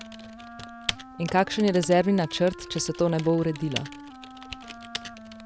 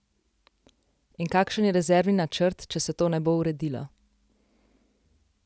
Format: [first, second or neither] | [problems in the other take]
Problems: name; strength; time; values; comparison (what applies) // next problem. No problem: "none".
second | background sound (Typing + Wind instrument, woodwind instrument); 12 dB below the speech